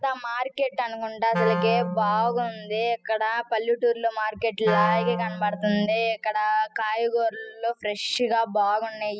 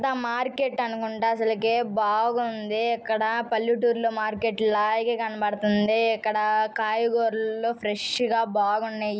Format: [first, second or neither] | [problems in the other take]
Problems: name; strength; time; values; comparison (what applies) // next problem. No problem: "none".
second | noise reduction (classical method spectral subtraction)